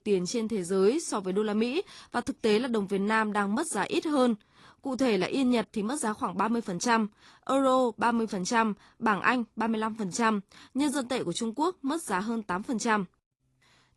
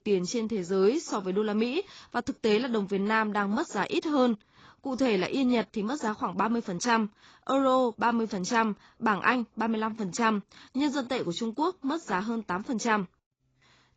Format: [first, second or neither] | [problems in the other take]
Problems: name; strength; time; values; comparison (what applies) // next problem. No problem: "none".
first | garbled, watery; badly; nothing above 7.5 kHz; slightly in the first